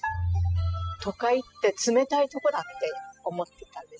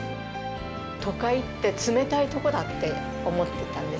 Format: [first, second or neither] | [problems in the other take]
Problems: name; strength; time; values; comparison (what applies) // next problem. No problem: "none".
second | noise reduction (classical method spectral subtraction)